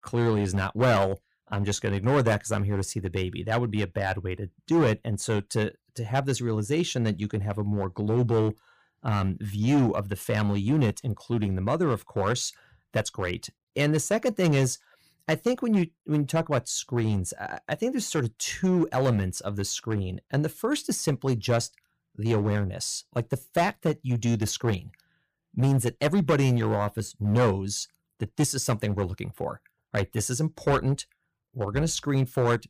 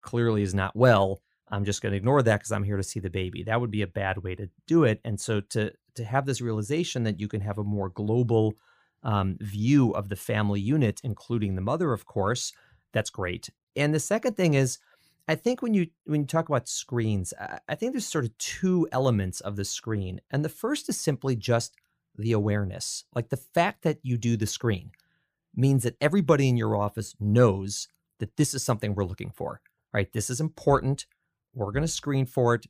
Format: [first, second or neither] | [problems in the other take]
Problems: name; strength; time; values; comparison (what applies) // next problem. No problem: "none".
second | distortion; slight; 5% of the sound clipped